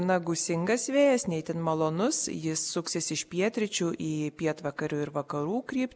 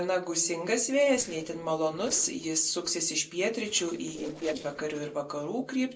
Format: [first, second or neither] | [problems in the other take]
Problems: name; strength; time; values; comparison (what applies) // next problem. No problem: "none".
first | noise reduction (neural separator model SepFormer DNS4)